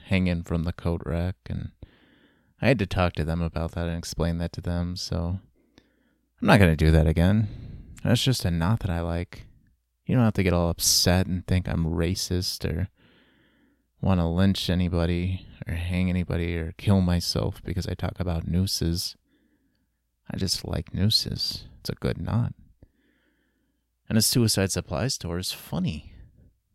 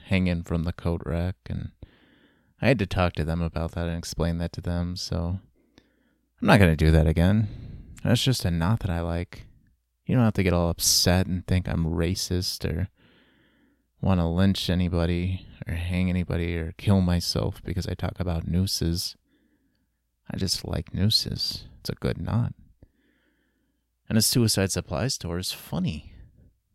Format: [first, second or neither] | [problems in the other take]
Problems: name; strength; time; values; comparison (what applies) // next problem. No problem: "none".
neither | none